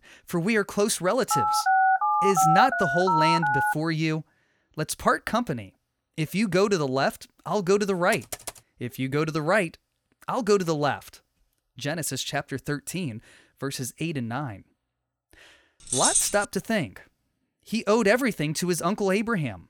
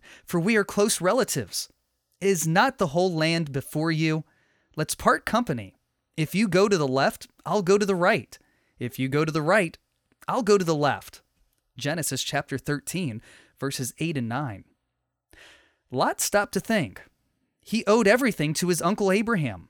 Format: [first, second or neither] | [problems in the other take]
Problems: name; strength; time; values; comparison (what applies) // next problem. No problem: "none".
second | phone ringing; loud; from 1.5 to 3.5 s; peak 6 dB above the speech // keyboard typing; noticeable; at 8 s; peak 10 dB below the speech // jangling keys; loud; at 16 s; peak 5 dB above the speech